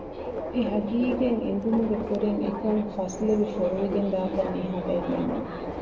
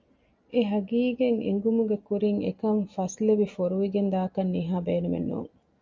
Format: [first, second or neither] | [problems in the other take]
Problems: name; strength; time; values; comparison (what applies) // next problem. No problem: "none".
second | background sound (Subway, metro, underground); 6 dB below the speech // room echo; dies away in 1.6 s